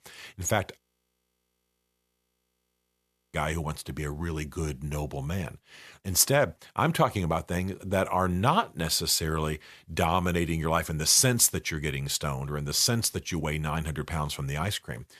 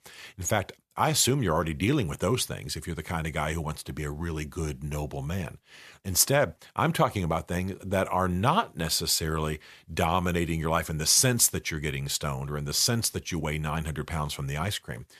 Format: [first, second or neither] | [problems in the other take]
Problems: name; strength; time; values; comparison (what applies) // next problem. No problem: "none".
second | audio freezing; at 1 s for 2.5 s